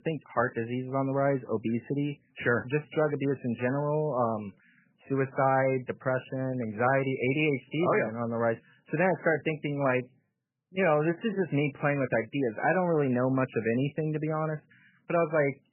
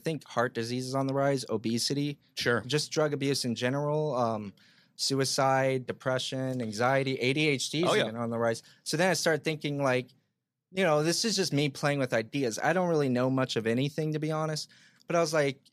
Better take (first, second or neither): second